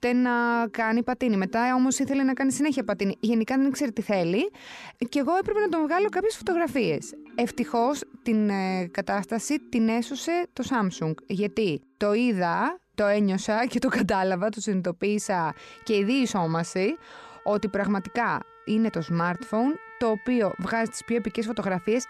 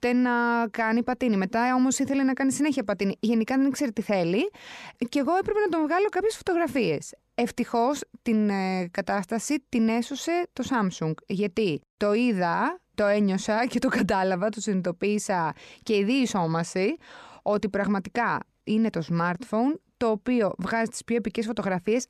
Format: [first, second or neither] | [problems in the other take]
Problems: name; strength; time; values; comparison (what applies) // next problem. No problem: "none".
second | background music; faint; throughout; 20 dB below the speech